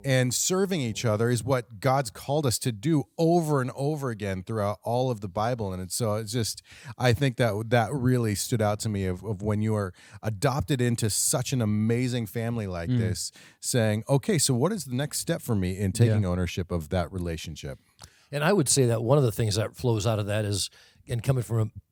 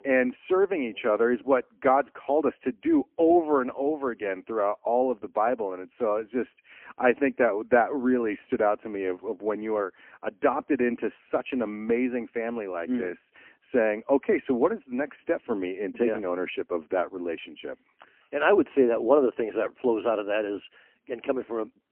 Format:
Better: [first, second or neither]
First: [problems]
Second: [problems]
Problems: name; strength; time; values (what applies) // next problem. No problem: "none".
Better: first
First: none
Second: phone-call audio; poor line; nothing above 3 kHz